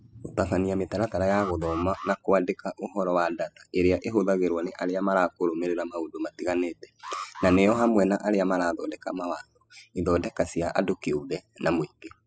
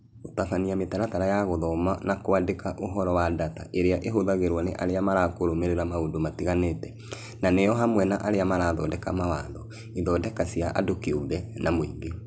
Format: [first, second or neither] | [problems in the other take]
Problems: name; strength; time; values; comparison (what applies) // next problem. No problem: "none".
second | noise reduction (classical method spectral subtraction)